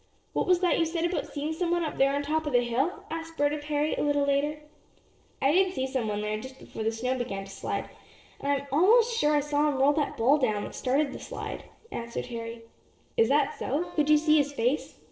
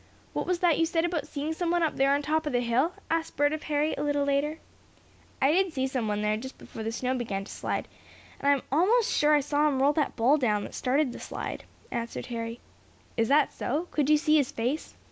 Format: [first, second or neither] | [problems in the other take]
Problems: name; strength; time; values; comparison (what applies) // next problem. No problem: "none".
second | noise reduction (neural separator model SepFormer DNS4)